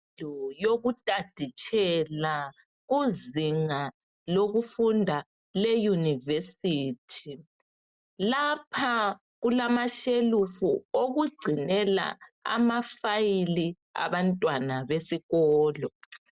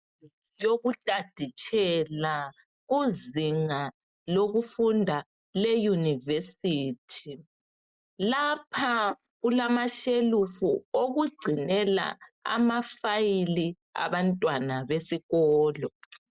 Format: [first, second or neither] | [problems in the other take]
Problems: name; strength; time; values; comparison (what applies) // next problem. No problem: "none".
first | noise reduction (neural mask model Resemble Enhance denoiser)